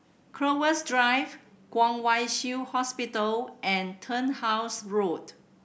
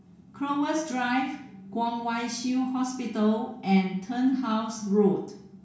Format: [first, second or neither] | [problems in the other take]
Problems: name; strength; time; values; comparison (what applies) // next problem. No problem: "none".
first | room echo; dies away in 0.6 s